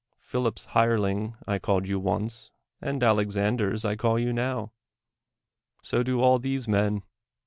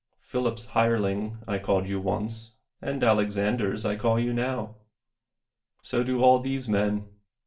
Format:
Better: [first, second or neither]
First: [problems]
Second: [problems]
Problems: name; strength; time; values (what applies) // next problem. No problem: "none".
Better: first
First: none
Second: room echo; dies away in 0.3 s